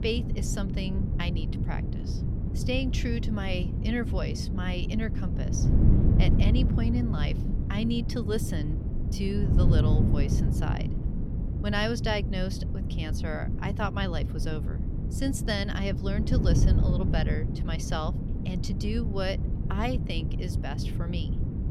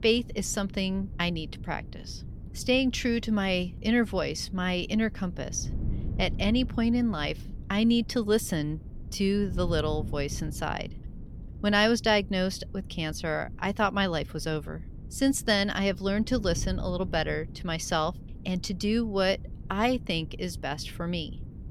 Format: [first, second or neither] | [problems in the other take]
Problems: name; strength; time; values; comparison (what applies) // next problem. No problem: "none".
second | wind noise on the microphone; heavy; 5 dB below the speech; occasional gusts in the second